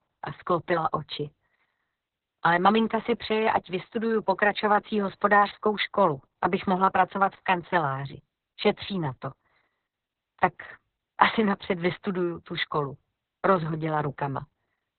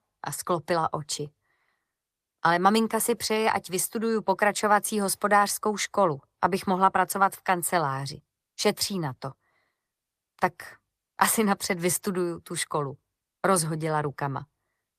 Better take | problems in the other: second | garbled, watery; badly; nothing above 4 kHz; slightly in the second

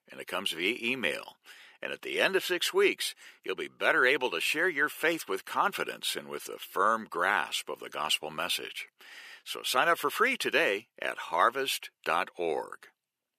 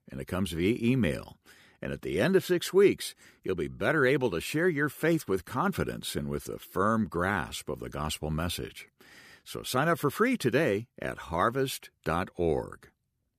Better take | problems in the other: second | thin; very; fading below 500 Hz

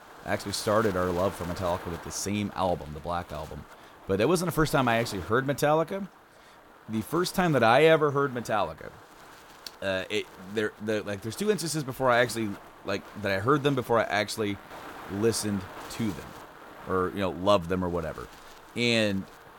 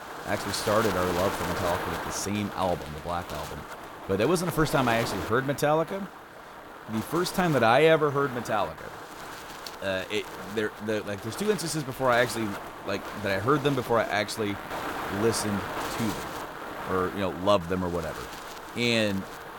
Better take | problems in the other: first | wind noise on the microphone; heavy; 8 dB below the speech; occasional gusts in the first

